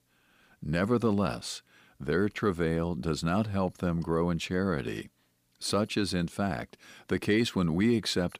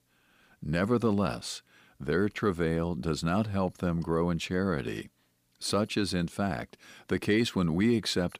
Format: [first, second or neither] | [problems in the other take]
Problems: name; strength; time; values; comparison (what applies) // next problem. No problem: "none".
neither | none